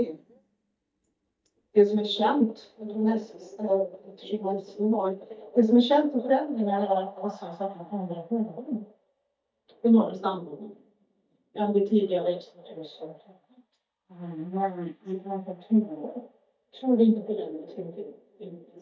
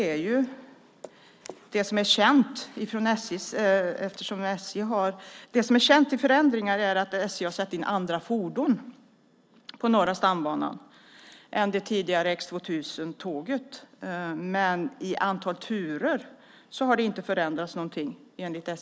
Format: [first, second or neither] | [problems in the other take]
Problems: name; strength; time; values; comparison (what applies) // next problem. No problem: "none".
second | noise reduction (neural mask model DeepFilterNet 3)